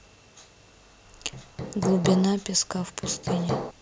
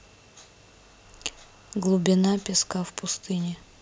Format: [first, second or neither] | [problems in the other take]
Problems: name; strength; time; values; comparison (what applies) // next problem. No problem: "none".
second | background sound (Hammer); 3 dB below the speech